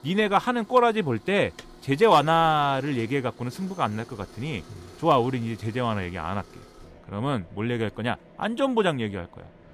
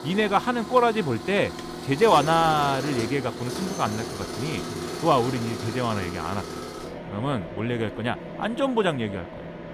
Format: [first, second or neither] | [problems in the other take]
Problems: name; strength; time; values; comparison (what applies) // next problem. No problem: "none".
first | machinery noise; loud; throughout; 9 dB below the speech; faint in the first